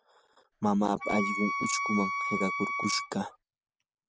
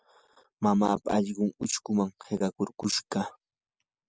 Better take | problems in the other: second | background sound (Wind instrument, woodwind instrument); 1 dB below the speech

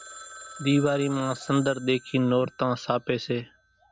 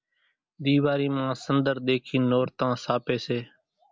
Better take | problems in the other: second | background sound (Telephone); 19 dB below the speech

